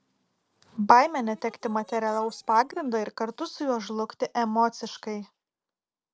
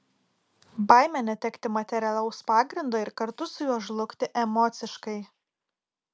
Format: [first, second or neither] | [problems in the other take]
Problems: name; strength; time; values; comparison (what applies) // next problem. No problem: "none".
second | noise reduction (neural separator model SepFormer DNS4)